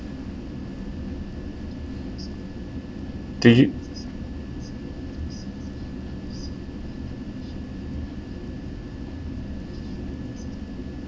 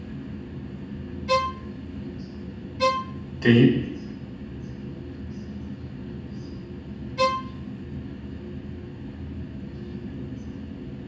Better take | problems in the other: first | background sound (Bowed string instrument); 1 dB above the speech // room echo; dies away in 0.9 s

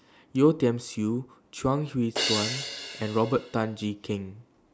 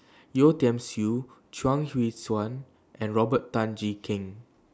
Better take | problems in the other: second | background sound (Crash cymbal); 5 dB below the speech

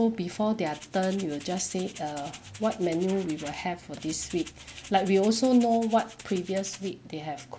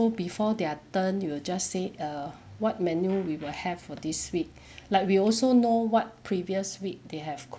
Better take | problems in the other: second | background sound (Rattle (instrument)); 19 dB below the speech

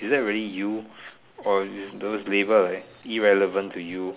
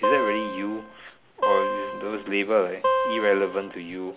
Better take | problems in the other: first | background sound (Acoustic guitar); as loud as the speech

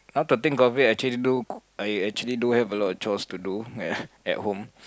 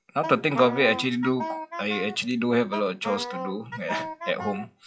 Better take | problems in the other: first | noise reduction (classical method WPE with log-MMSE)

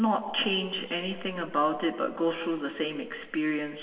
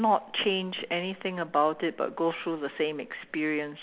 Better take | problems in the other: second | room echo; dies away in 2.7 s

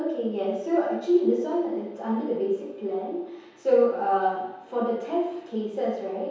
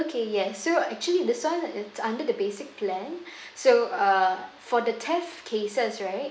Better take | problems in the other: second | room echo; dies away in 0.9 s

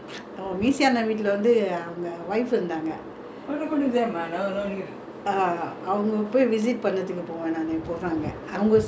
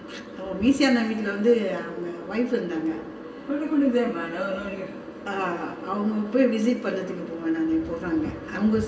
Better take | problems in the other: first | room echo; dies away in 1.9 s

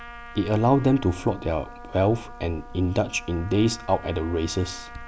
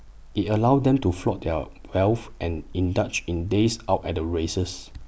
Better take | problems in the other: second | background sound (Trumpet); 19 dB below the speech

